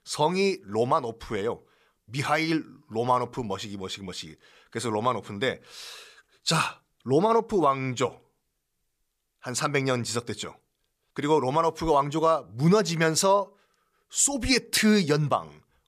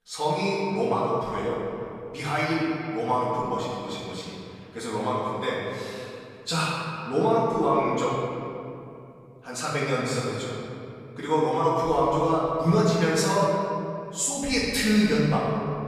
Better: first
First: none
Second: off-mic speech; far // room echo; strong; dies away in 2.5 s

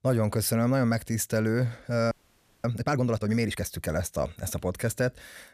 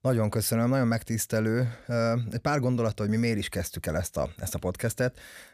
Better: second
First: audio freezing; at 2 s for 0.5 s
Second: none

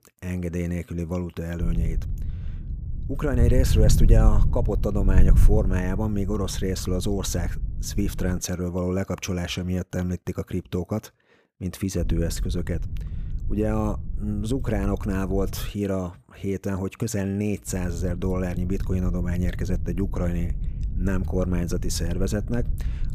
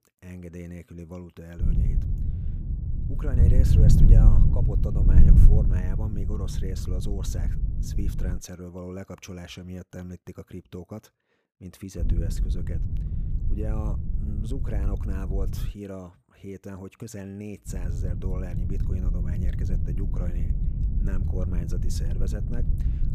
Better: first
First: wind noise on the microphone; occasional gusts; from 1.5 to 8.5 s, from 12 to 16 s and from 18 s on; 10 dB below the speech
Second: wind noise on the microphone; heavy; from 1.5 to 8.5 s, from 12 to 16 s and from 18 s on; 1 dB above the speech

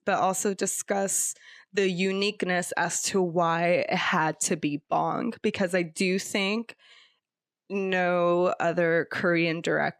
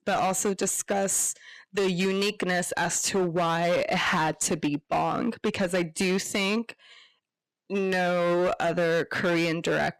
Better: first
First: none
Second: distortion; slight; 14% of the sound clipped

